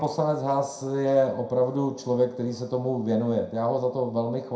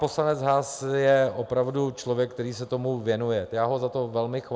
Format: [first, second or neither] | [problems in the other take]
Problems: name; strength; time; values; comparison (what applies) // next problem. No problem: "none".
second | room echo; dies away in 0.4 s